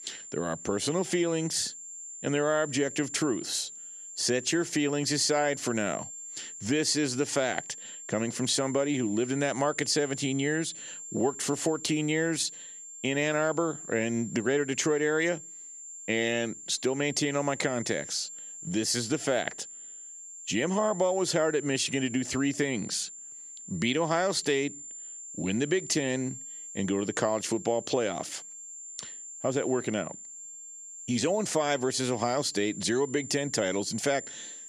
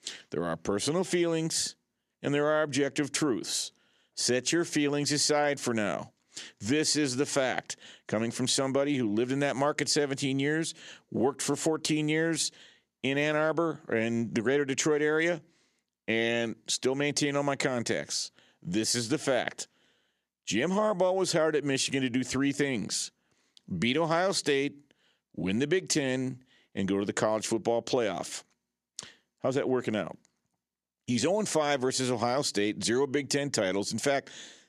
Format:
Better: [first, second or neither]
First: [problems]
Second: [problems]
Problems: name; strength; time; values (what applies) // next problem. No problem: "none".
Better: second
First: high-pitched whine; noticeable; throughout; 7.5 kHz, 10 dB below the speech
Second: none